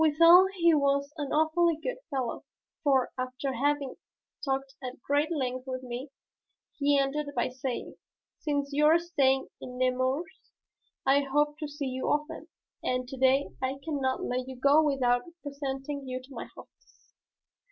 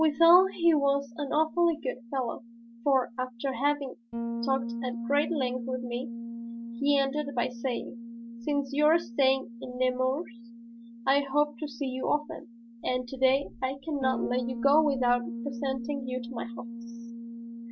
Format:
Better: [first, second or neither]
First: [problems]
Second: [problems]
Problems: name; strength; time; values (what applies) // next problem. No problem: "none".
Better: first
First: none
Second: background sound (Bass guitar); 10 dB below the speech